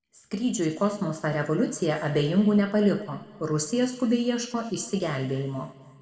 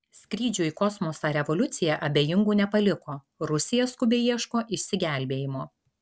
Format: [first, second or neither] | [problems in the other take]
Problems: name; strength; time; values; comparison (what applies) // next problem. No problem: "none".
second | room echo; dies away in 1.5 s